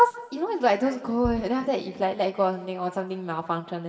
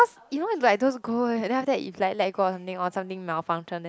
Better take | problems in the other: second | background sound (Bass drum); 17 dB below the speech // room echo; dies away in 2.4 s

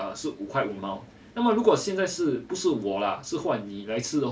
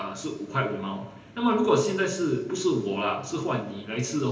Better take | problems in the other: first | room echo; dies away in 0.9 s

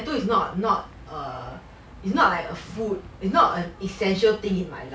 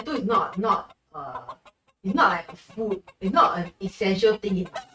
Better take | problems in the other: first | noise reduction (neural mask model RNNoise)

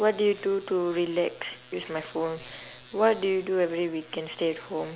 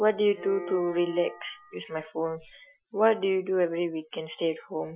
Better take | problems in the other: first | noise reduction (classical method Wiener filter)

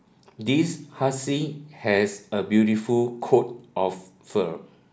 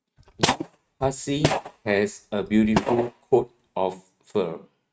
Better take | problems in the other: first | noise reduction (neural mask model RNNoise)

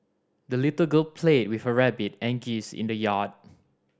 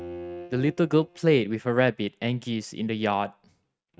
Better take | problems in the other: first | noise reduction (neural mask model RNNoise)

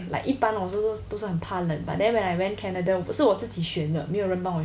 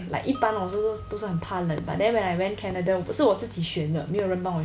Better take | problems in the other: first | background sound (Fireworks + Harp); 19 dB below the speech

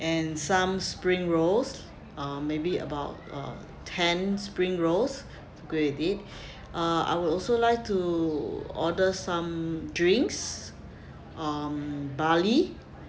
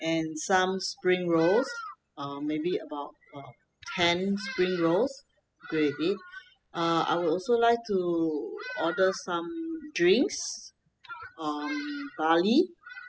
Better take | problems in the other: first | noise reduction (classical method spectral subtraction)

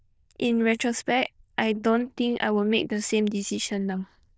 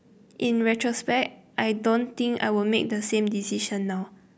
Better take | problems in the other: second | noise reduction (neural diffusion model UNIVERSE++)

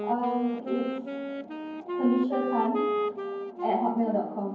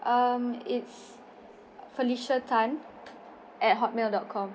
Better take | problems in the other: second | background sound (Wind instrument, woodwind instrument); 4 dB below the speech // room echo; dies away in 0.9 s

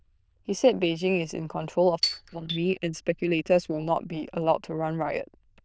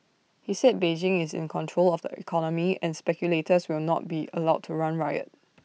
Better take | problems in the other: second | noise reduction (neural diffusion model UNIVERSE++)

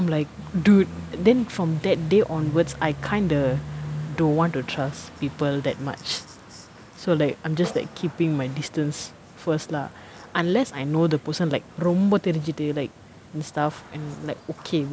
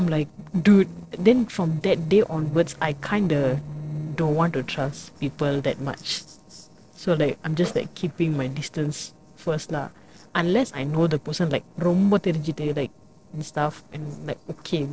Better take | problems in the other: first | noise reduction (neural separator model SepFormer DNS4)

